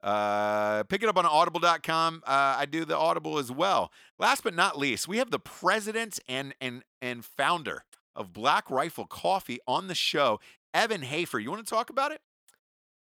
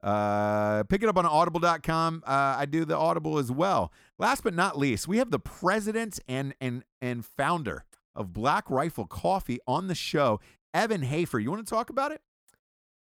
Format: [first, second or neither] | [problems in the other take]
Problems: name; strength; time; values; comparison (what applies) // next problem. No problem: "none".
second | thin; very slightly; fading below 1 kHz